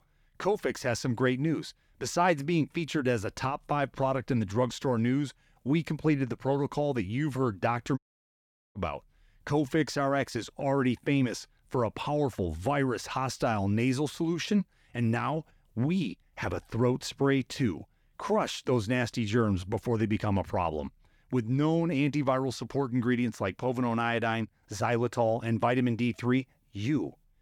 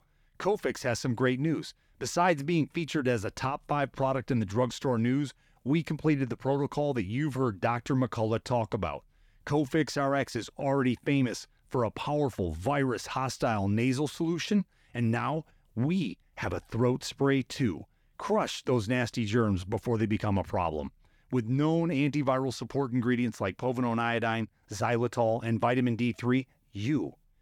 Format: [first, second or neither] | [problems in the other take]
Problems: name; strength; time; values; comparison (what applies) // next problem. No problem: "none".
second | audio cutting out; at 8 s for 1 s